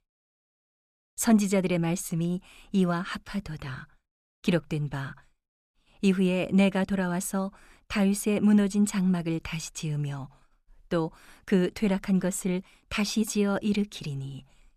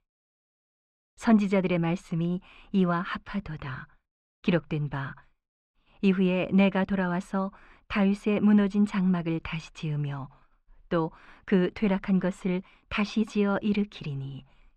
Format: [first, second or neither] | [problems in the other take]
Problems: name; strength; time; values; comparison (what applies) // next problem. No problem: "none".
first | muffled; slightly; fading above 2.5 kHz